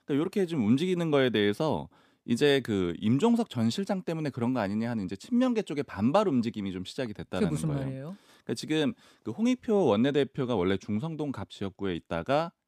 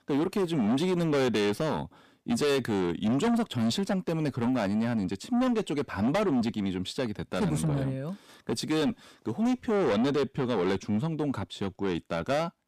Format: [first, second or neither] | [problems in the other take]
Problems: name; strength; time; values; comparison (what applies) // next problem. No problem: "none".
first | distortion; heavy; 7 dB below the speech